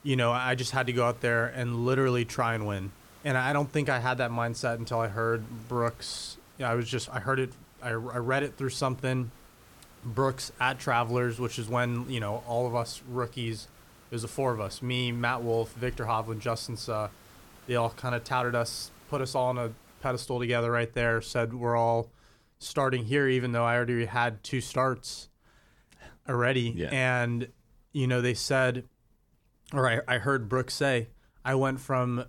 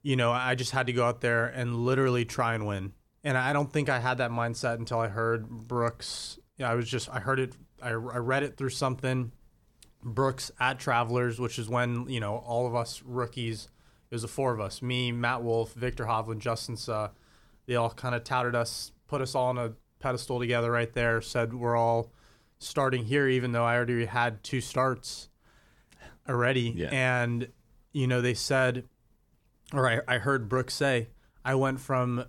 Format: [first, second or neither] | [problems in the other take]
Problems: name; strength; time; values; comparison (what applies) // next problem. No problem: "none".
second | hiss; faint; until 20 s; 25 dB below the speech